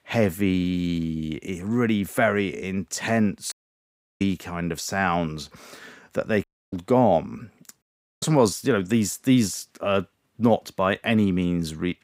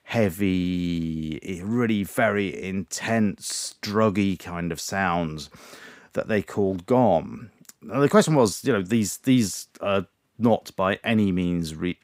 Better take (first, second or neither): second